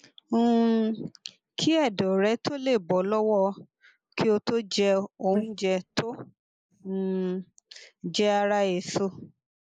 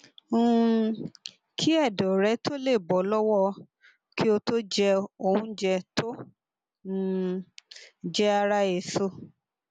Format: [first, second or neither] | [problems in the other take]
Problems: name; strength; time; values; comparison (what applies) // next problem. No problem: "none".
second | noise reduction (neural mask model Resemble Enhance denoiser)